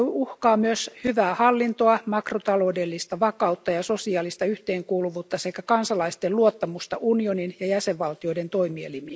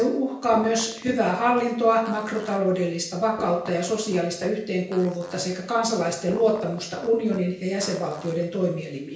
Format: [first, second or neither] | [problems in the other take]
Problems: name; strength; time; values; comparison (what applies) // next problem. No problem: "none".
first | background sound (Fart); 19 dB below the speech // room echo; dies away in 0.5 s